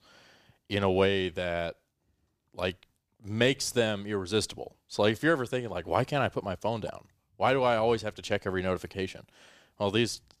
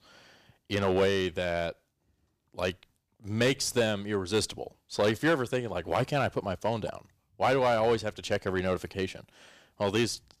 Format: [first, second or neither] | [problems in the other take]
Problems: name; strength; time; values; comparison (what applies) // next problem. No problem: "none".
first | distortion; slight; 2% of the sound clipped